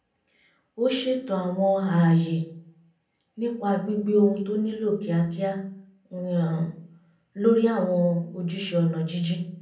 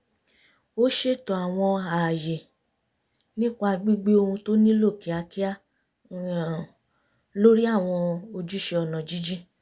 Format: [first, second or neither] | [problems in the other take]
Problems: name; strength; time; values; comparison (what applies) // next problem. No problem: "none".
second | room echo; dies away in 0.6 s